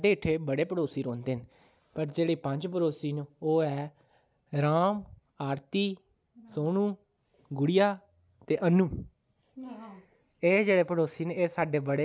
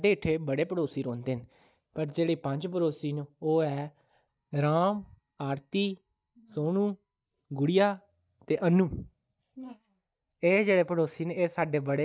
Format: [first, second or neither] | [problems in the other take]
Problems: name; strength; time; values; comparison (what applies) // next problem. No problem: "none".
first | noise reduction (neural mask model DeepFilterNet 3)